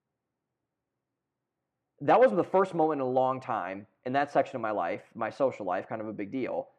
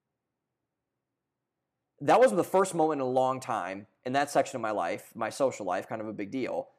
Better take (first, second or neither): second